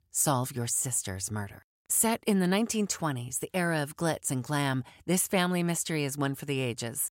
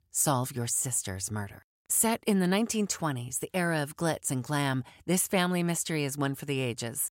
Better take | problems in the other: neither | none

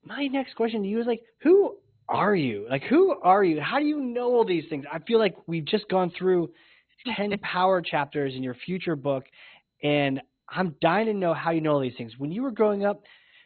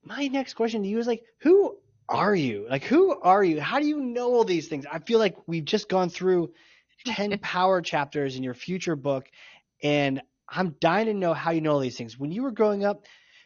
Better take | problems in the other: second | garbled, watery; badly; nothing above 4 kHz; slightly in the second

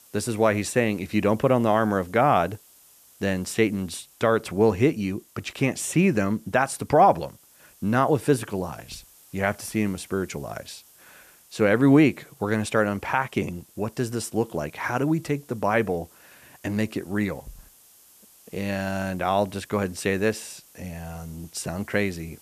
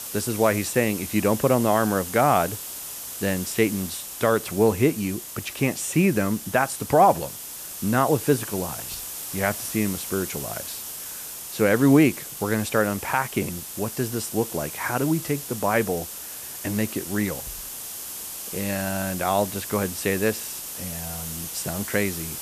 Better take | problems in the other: first | hiss; loud; throughout; 8 dB below the speech; faint in the first

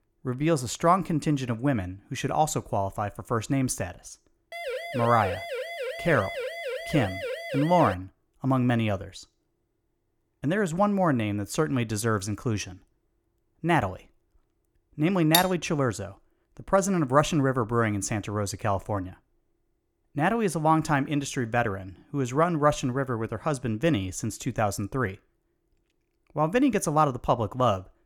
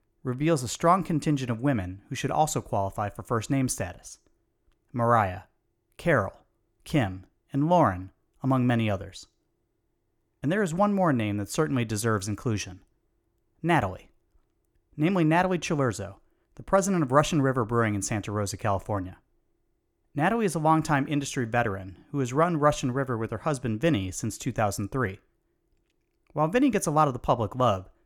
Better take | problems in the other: second | siren; noticeable; from 4.5 to 8 s; peak 6 dB below the speech // clattering dishes; loud; at 15 s; peak 1 dB above the speech

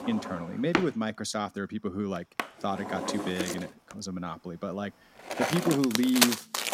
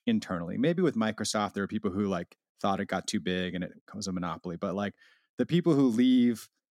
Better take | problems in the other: second | household noises; very loud; throughout; 1 dB above the speech

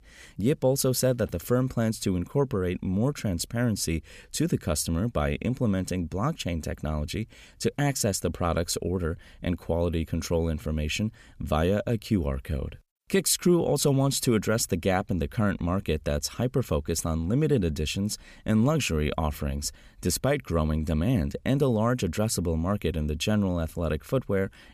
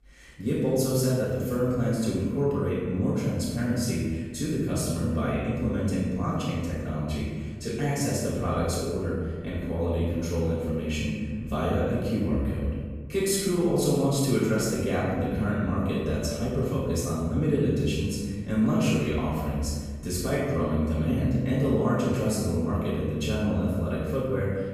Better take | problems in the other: first | off-mic speech; far // room echo; strong; dies away in 1.5 s

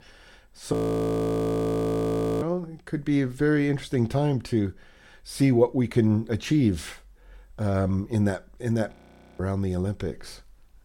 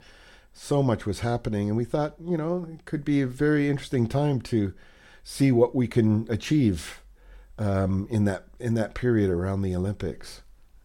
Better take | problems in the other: second | audio freezing; at 0.5 s for 1.5 s and at 9 s

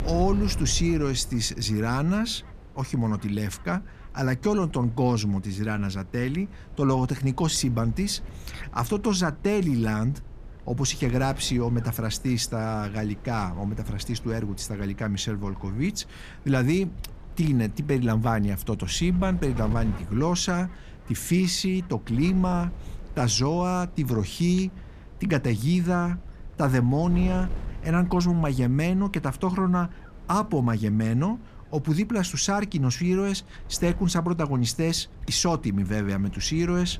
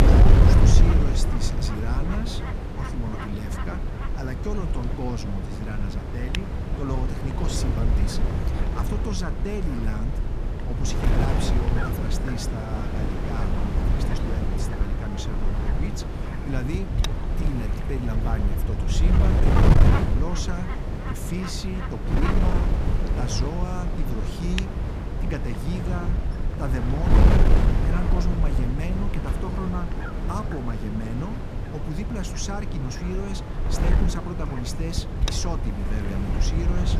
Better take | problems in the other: first | wind noise on the microphone; heavy; 2 dB above the speech; occasional gusts in the first

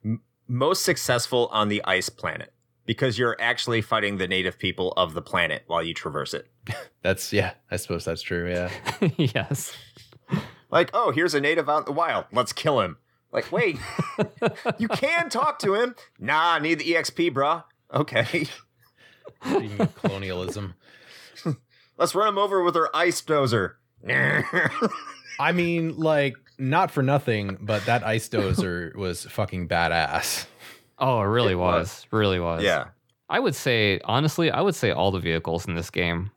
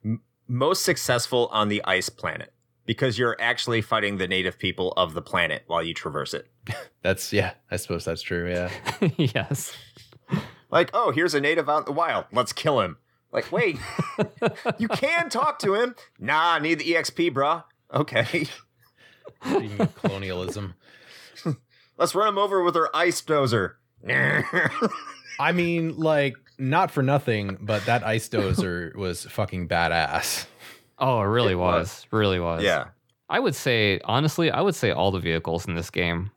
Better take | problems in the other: neither | none

